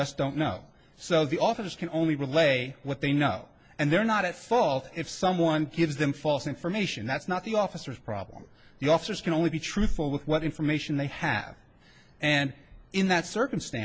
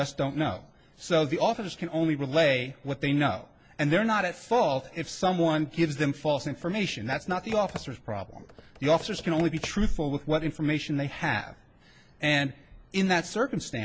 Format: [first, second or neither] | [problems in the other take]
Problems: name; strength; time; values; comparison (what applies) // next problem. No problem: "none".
first | background sound (Computer keyboard); 17 dB below the speech